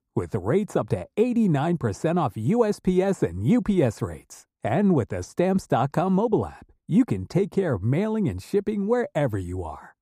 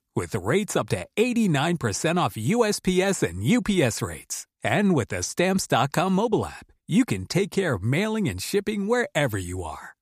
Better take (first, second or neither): second